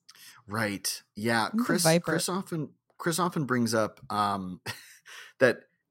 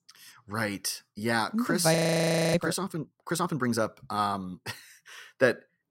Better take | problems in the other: first | audio freezing; at 2 s for 0.5 s

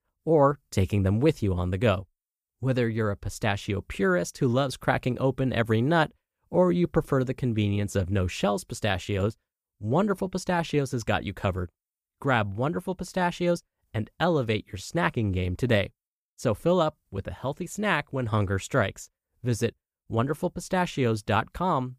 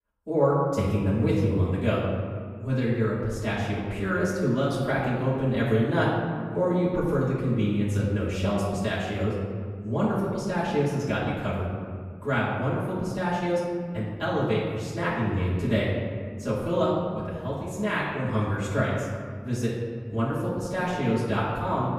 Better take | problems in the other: first | off-mic speech; far // room echo; noticeable; dies away in 1.9 s

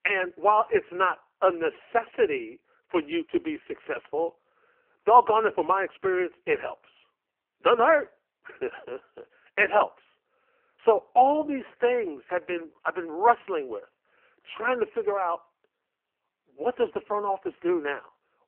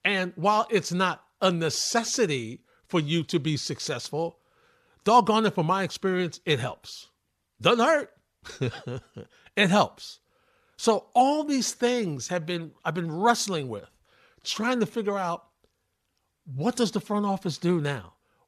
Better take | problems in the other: second | phone-call audio; poor line; nothing above 3 kHz

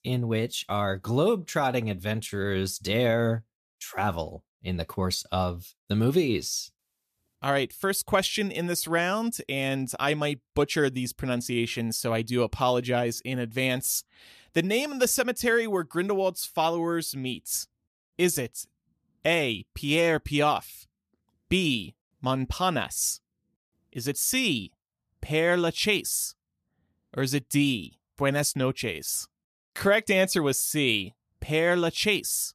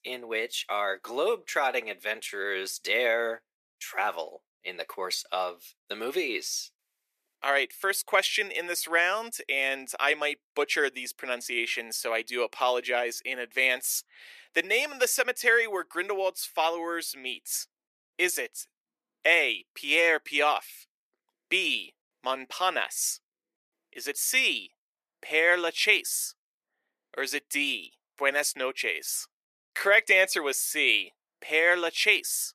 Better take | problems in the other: first | thin; very; fading below 400 Hz

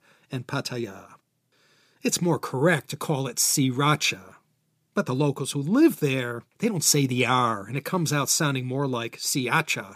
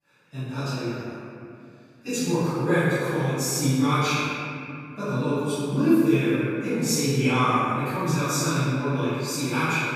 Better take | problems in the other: first | off-mic speech; far // room echo; strong; dies away in 2.3 s

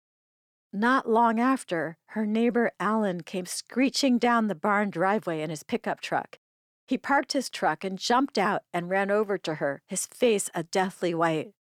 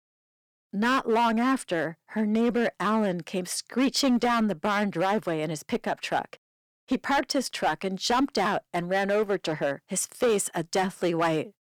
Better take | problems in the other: first | distortion; slight; 7% of the sound clipped

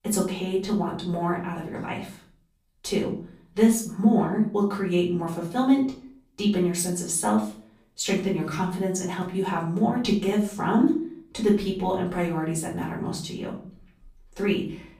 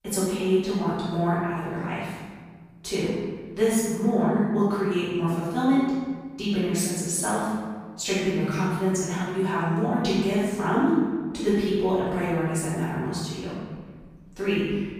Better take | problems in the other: first | room echo; strong; dies away in 1.5 s; slight in the first // off-mic speech; far; far in the first

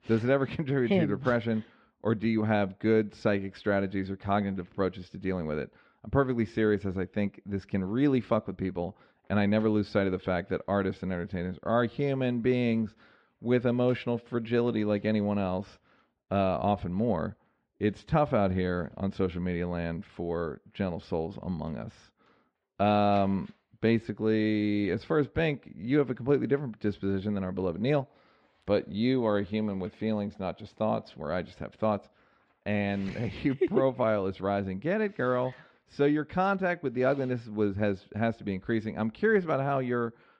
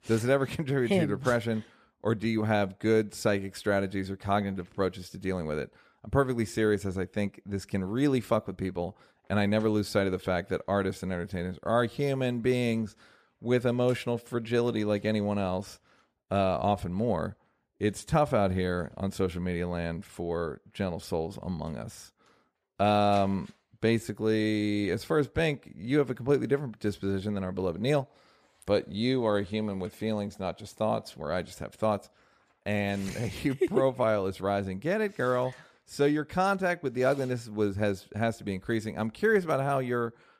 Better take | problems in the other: second | muffled; very slightly; fading above 4 kHz

